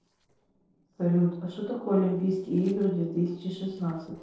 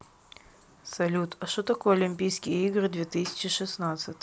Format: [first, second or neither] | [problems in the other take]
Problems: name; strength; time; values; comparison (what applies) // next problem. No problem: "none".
second | noise reduction (neural separator model SepFormer DNS4)